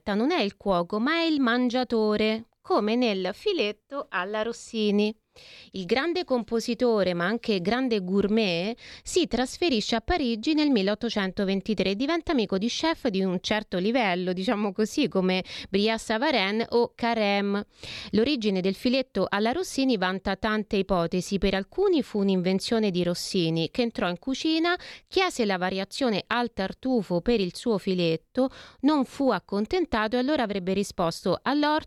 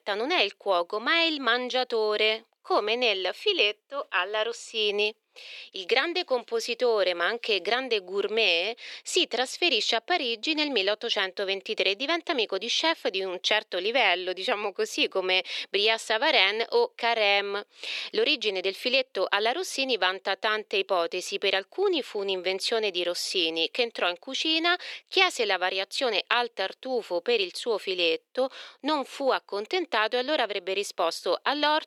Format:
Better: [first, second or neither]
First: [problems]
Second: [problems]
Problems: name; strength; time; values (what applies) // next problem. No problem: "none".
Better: first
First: none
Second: thin; very; fading below 400 Hz